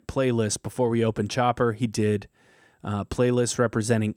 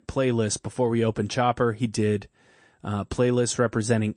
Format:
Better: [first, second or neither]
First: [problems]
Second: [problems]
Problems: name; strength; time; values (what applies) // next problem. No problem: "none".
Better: first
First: none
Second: garbled, watery; slightly; nothing above 9 kHz